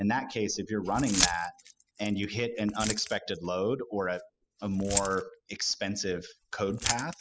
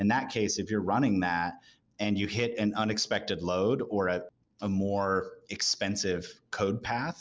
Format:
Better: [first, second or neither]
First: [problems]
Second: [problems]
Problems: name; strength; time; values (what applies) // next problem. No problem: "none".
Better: second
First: noise reduction (classical method spectral subtraction)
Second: none